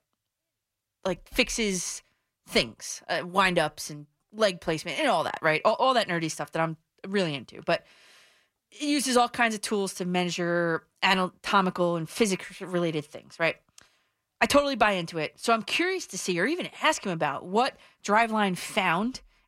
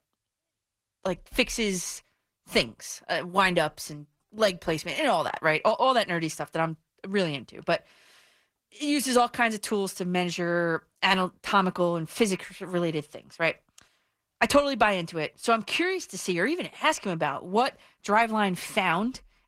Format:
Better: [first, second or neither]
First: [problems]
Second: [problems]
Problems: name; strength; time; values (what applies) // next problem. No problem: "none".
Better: first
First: none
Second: garbled, watery; slightly; nothing above 16 kHz